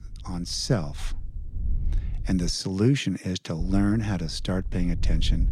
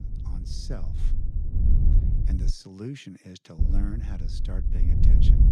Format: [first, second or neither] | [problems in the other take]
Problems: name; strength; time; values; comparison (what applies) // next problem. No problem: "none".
first | low rumble; loud; until 2.5 s and from 3.5 s on; as loud as the speech; faint in the first